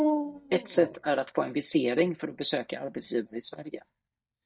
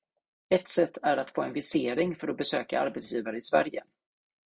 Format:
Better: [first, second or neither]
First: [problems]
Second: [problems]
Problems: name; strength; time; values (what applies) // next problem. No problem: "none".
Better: second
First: noise reduction (neural mask model DeepFilterNet 3)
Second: none